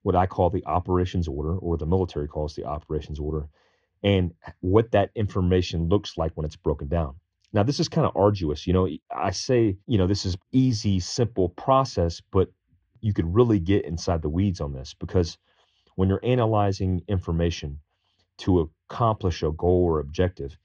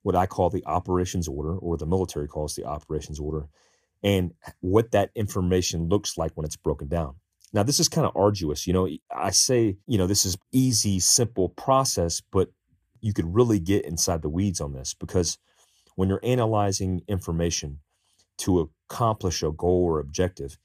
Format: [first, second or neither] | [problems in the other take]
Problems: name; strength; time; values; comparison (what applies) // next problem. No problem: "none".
second | muffled; slightly; fading above 4 kHz